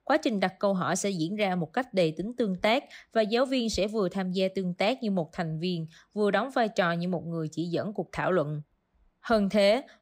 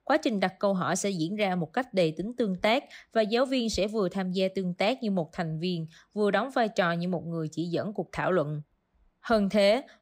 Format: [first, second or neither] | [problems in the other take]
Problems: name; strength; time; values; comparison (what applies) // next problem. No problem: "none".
neither | none